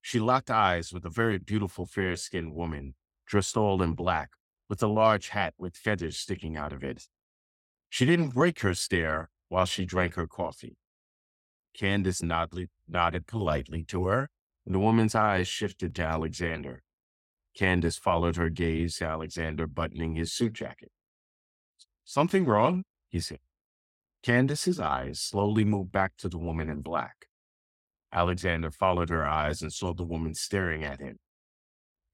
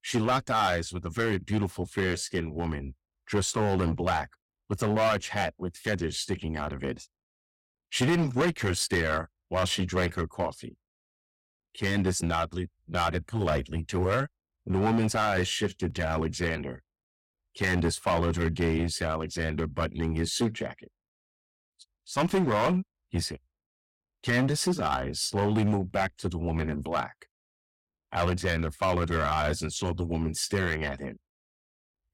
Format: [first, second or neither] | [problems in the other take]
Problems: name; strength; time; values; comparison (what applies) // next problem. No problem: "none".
first | distortion; heavy; 6% of the sound clipped